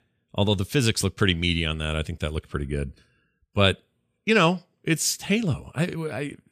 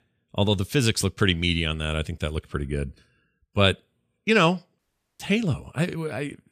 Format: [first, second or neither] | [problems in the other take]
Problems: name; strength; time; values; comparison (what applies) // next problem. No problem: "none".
first | audio cutting out; at 5 s